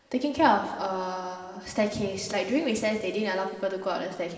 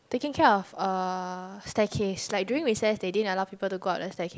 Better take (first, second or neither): second